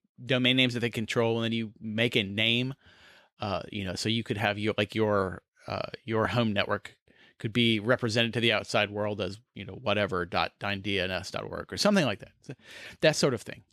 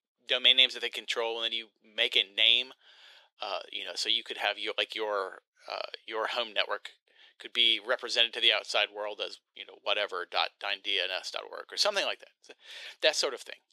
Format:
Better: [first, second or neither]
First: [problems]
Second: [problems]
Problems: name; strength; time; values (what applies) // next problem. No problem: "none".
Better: first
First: none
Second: thin; very; fading below 450 Hz